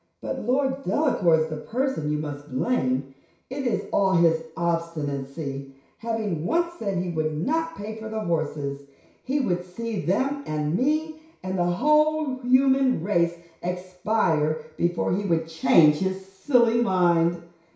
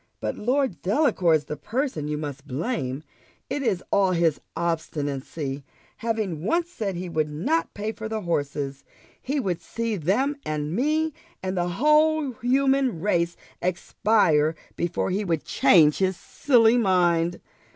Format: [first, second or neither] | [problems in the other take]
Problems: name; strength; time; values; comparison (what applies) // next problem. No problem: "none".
second | room echo; dies away in 0.6 s